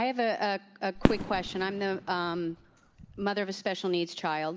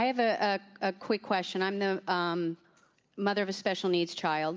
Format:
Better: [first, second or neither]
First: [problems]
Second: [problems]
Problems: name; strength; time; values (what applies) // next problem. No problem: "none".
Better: second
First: background sound (Fireworks); 2 dB below the speech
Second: none